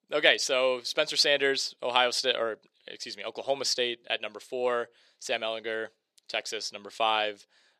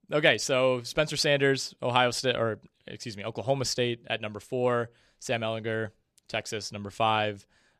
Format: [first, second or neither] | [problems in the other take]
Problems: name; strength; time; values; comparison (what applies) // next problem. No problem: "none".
second | thin; somewhat; fading below 400 Hz